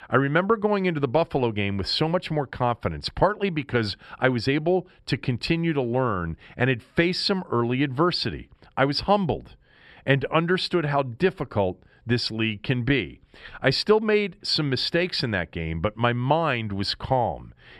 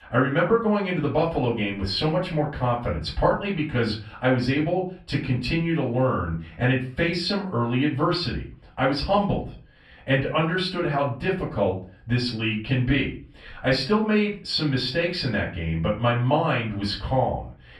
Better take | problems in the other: first | off-mic speech; far // room echo; slight; dies away in 0.3 s

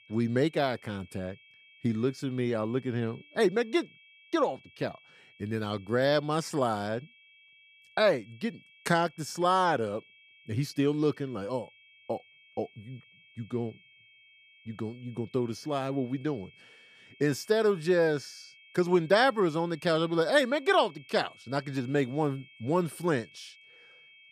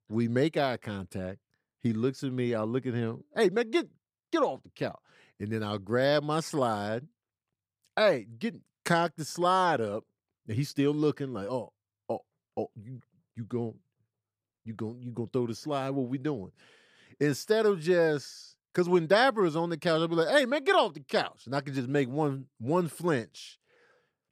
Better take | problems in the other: second | high-pitched whine; faint; throughout; 2 kHz, 25 dB below the speech

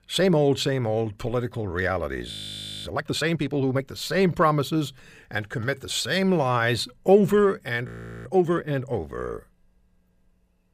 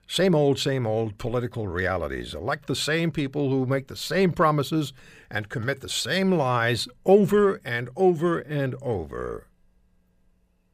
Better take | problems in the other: second | audio freezing; at 2.5 s for 0.5 s and at 8 s

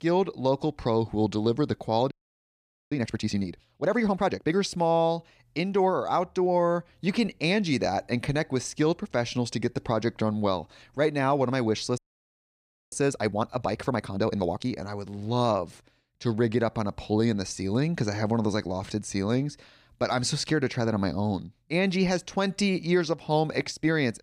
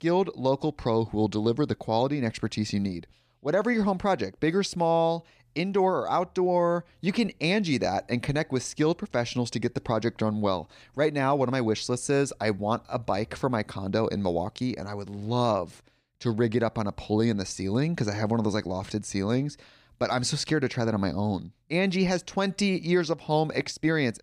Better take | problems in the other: second | audio freezing; at 2 s for 1 s and at 12 s for 1 s

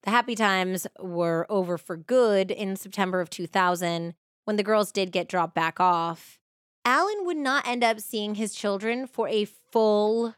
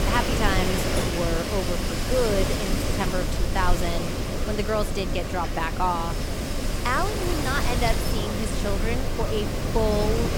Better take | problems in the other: first | wind noise on the microphone; heavy; 2 dB below the speech

